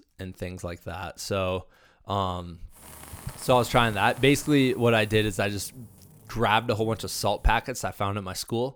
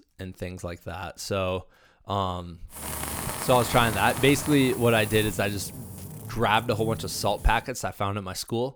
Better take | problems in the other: first | hiss; loud; from 3 to 7.5 s; 9 dB below the speech; faint in the first

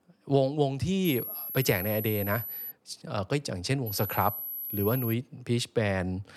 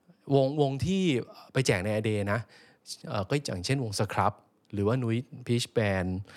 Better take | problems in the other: second | high-pitched whine; loud; from 1 to 2.5 s and from 4 to 5 s; 12 kHz, 5 dB below the speech

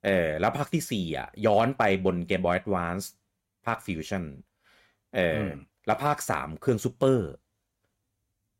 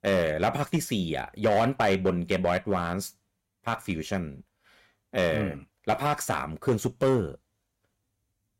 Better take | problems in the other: first | distortion; slight; 3% of the sound clipped

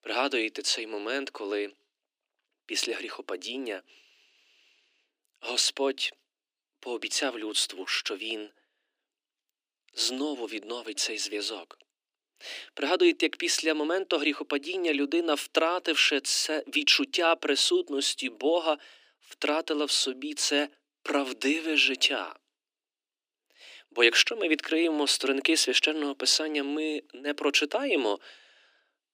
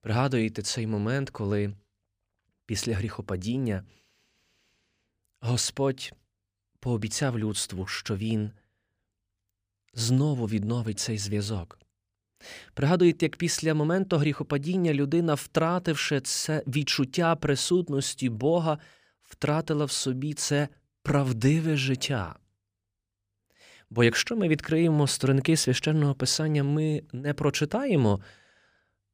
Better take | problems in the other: second | thin; somewhat; fading below 300 Hz

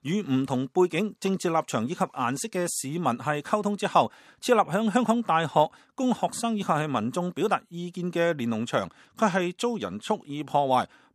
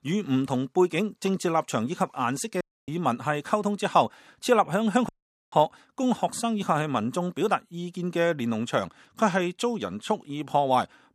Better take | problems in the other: first | audio cutting out; at 2.5 s and at 5 s

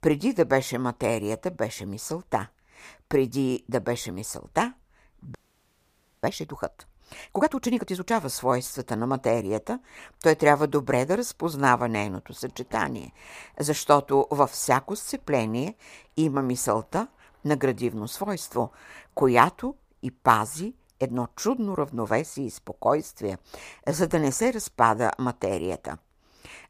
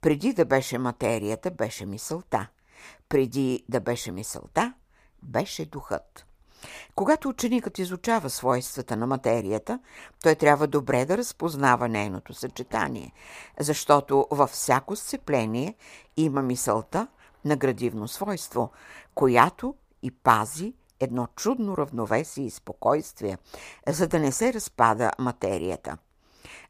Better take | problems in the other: second | audio freezing; at 5.5 s for 1 s

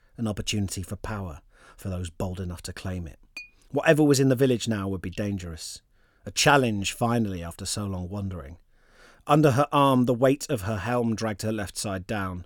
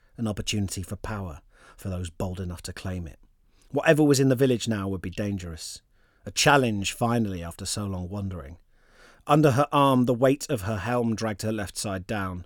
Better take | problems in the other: second | clattering dishes; faint; at 3.5 s; peak 15 dB below the speech

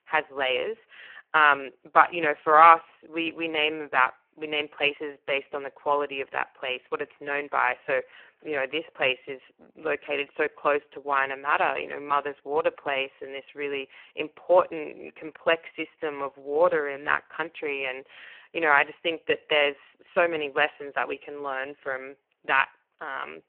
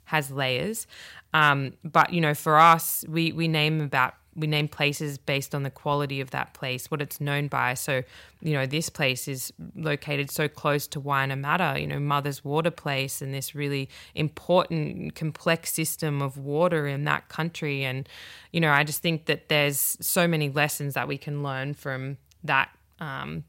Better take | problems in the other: second | phone-call audio; poor line

